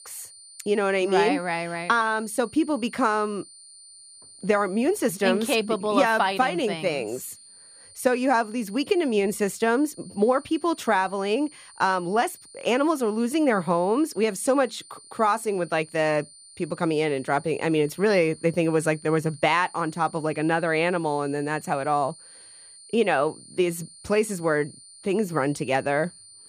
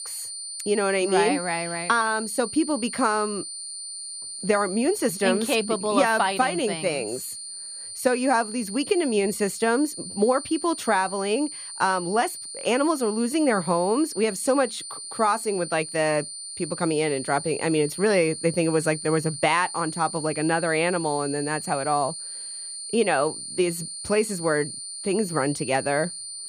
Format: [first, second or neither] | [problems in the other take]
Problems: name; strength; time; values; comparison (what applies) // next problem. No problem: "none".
first | high-pitched whine; loud; throughout; 9 kHz, 9 dB below the speech; faint in the first